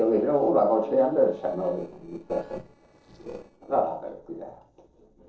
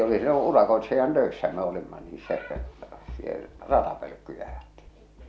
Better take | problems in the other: second | noise reduction (neural separator model SepFormer DNS4)

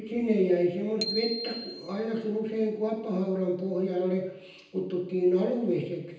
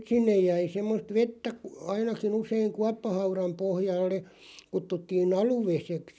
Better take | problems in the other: second | background sound (Bicycle bell); 12 dB below the speech // room echo; dies away in 0.9 s

